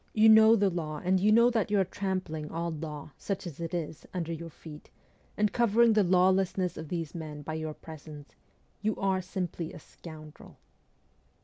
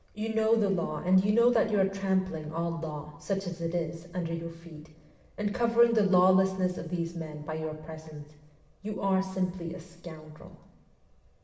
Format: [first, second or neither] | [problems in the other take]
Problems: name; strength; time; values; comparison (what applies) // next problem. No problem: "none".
first | room echo; dies away in 1.1 s